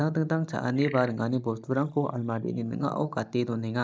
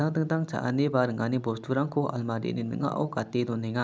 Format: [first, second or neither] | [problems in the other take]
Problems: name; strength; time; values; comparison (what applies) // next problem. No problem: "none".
second | noise reduction (neural mask model DeepFilterNet 3)